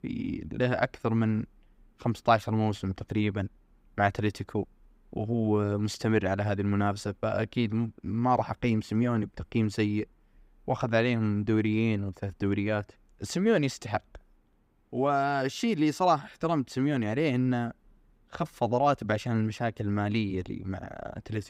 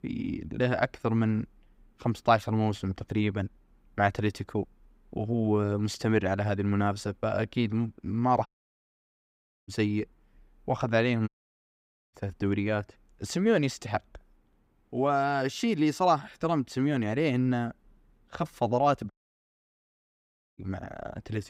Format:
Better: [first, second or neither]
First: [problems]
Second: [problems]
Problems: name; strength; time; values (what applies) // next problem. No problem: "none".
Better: first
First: none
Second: audio cutting out; at 8.5 s for 1 s, at 11 s for 1 s and at 19 s for 1.5 s